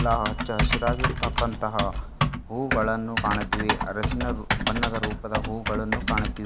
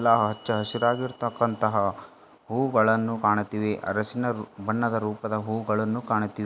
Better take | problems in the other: second | background sound (Typing); 2 dB above the speech

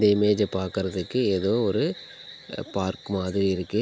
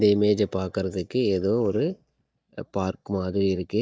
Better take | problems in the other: first | noise reduction (neural mask model DeepFilterNet 3)

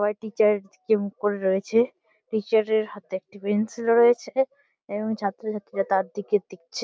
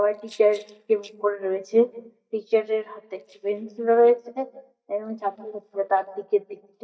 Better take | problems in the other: first | noise reduction (neural mask model DeepFilterNet 3)

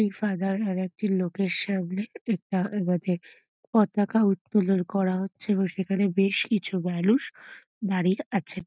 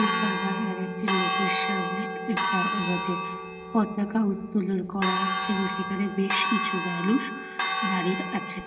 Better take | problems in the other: first | background sound (Church bell); 1 dB below the speech // room echo; dies away in 2 s

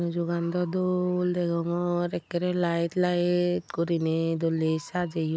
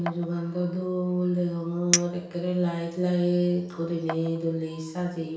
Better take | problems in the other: first | background sound (Chink, clink); 10 dB below the speech // room echo; dies away in 0.7 s

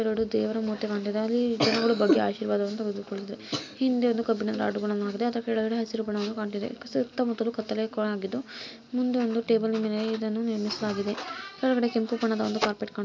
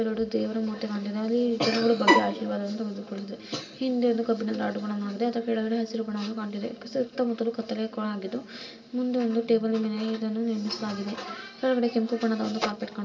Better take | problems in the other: first | background sound (Bowed string instrument); 2 dB above the speech // room echo; dies away in 2.6 s

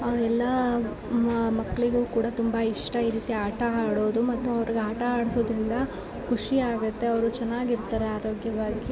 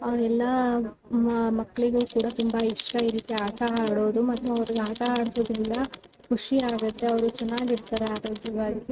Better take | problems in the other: first | noise reduction (neural mask model RNNoise)

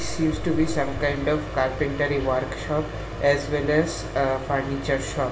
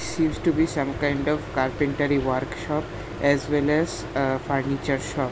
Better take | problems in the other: second | room echo; dies away in 1.7 s

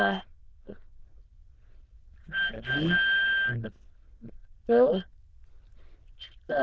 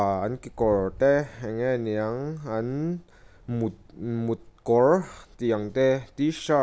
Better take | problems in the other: second | noise reduction (neural diffusion model UNIVERSE++)

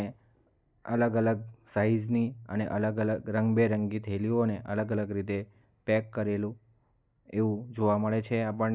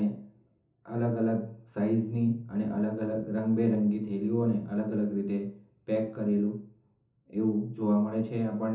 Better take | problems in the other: first | room echo; dies away in 0.6 s

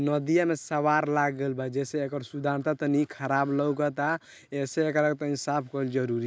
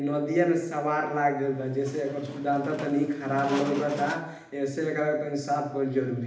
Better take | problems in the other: first | background sound (Squeak); 13 dB below the speech // room echo; dies away in 0.8 s

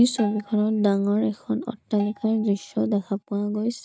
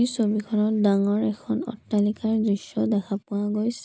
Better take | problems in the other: second | noise reduction (neural mask model DeepFilterNet 3)

